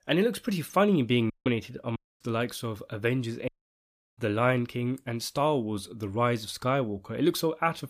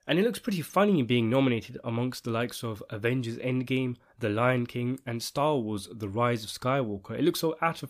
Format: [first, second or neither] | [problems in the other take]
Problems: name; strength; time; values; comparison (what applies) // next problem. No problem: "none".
second | audio cutting out; at 1.5 s, at 2 s and at 3.5 s for 0.5 s